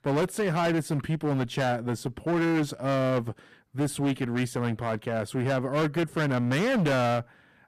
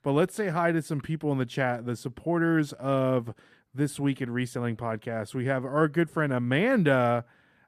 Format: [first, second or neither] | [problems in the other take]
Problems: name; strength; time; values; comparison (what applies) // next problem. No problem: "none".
second | distortion; heavy; 19% of the sound clipped